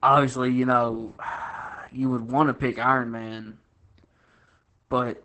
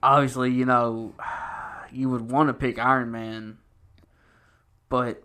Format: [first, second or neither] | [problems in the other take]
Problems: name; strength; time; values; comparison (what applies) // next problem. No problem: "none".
second | garbled, watery; badly; nothing above 8 kHz